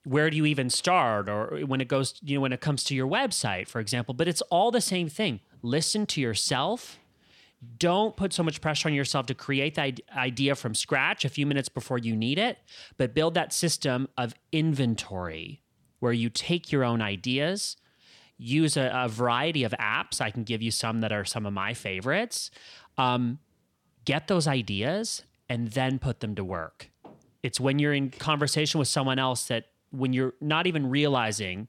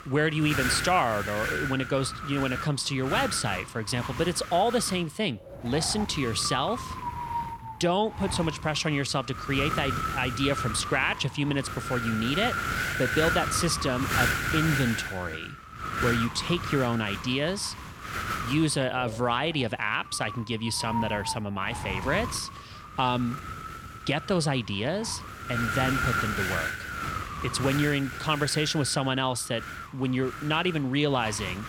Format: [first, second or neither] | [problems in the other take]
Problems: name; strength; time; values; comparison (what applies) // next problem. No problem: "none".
first | wind noise on the microphone; heavy; 3 dB below the speech